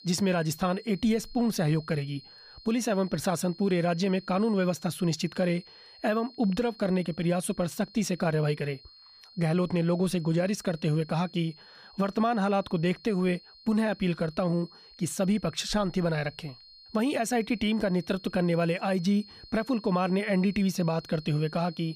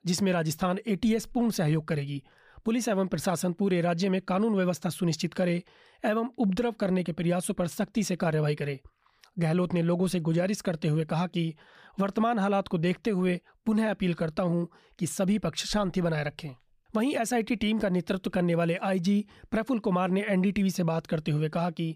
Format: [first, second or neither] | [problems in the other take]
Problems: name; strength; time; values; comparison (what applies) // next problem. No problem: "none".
second | high-pitched whine; faint; throughout; 4.5 kHz, 20 dB below the speech